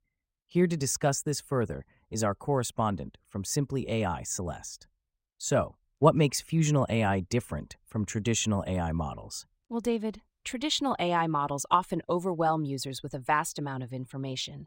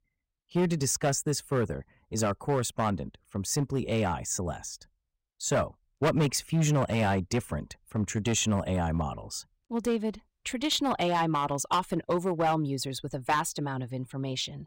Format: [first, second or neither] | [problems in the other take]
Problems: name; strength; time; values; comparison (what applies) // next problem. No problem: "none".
first | distortion; slight; 5% of the sound clipped